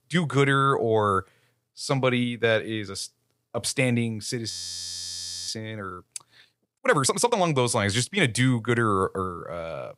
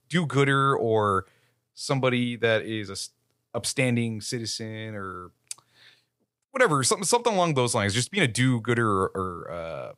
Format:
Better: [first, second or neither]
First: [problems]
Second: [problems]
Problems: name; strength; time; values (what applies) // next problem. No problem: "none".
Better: second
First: audio freezing; at 4.5 s for 1 s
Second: none